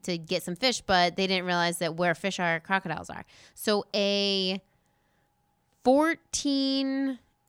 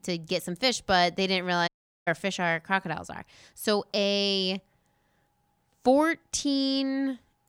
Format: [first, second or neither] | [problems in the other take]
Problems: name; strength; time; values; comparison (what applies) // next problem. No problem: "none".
first | audio cutting out; at 1.5 s